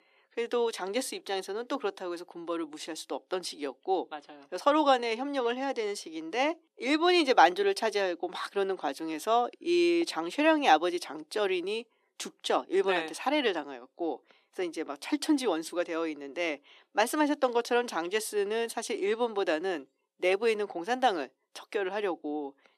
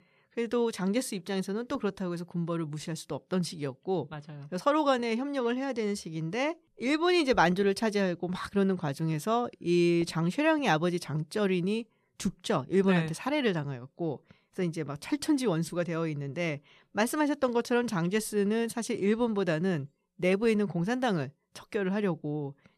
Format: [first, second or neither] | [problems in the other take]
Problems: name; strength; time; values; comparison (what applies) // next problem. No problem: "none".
second | thin; somewhat; fading below 300 Hz